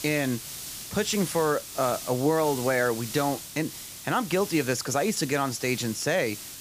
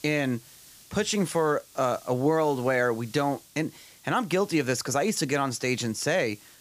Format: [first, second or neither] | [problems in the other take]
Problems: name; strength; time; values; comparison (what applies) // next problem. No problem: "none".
second | hiss; loud; throughout; 10 dB below the speech; faint in the second